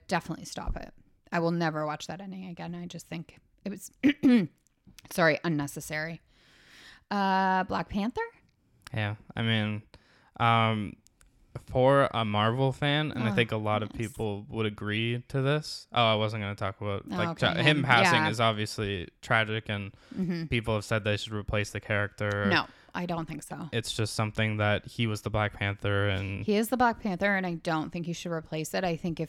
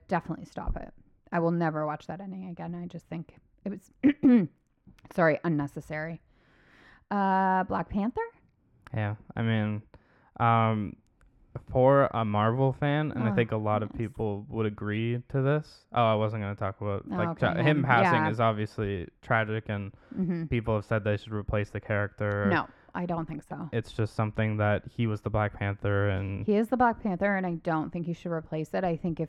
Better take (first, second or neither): first